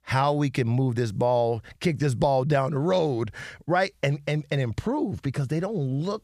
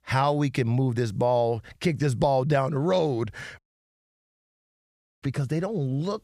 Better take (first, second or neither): first